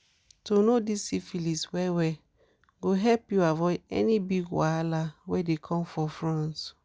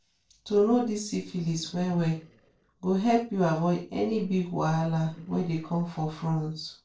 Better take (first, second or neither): first